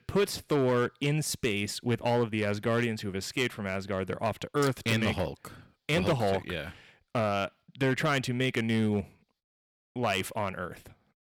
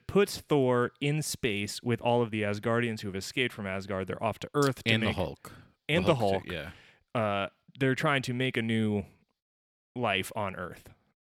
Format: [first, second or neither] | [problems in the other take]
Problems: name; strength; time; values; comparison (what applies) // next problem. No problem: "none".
second | distortion; slight; 4% of the sound clipped